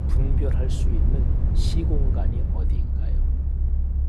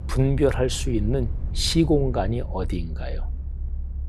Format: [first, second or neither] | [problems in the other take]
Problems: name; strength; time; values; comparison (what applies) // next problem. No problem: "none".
second | low rumble; loud; throughout; 1 dB below the speech; faint in the second